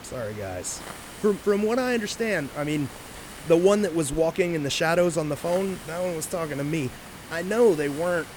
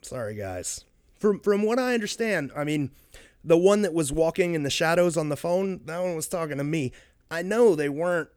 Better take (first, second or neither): second